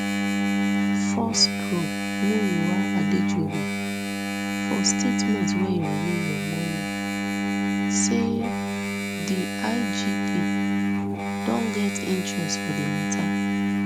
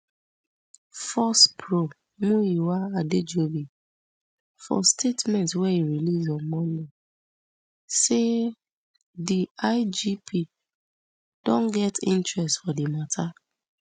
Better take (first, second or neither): second